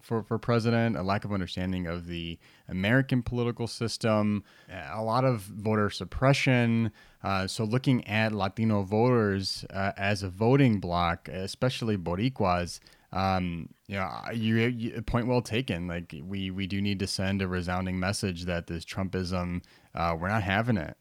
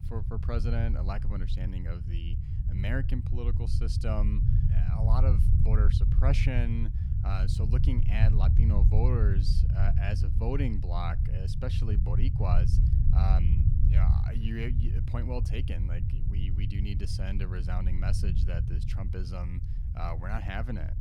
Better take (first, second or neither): first